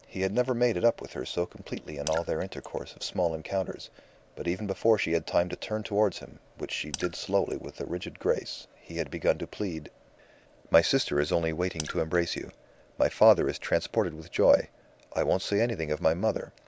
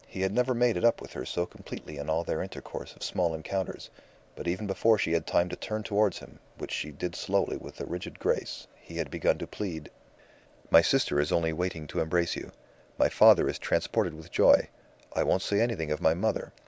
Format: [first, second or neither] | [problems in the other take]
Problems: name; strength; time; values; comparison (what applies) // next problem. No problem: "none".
second | background sound (Raindrop / Splash, splatter); 16 dB below the speech